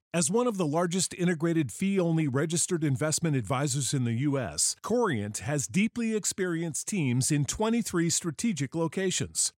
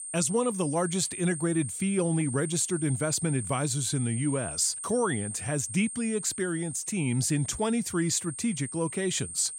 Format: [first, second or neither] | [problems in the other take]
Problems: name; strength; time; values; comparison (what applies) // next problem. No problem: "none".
first | high-pitched whine; loud; throughout; 8.5 kHz, 7 dB below the speech